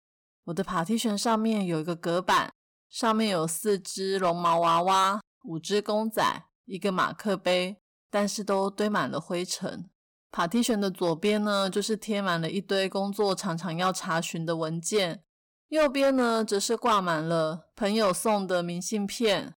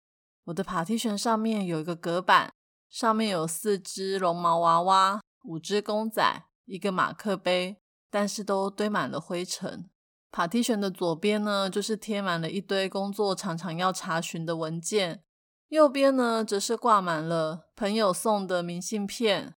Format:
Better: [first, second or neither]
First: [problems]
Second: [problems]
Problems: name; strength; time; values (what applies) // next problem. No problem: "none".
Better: second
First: distortion; slight; 4% of the sound clipped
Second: none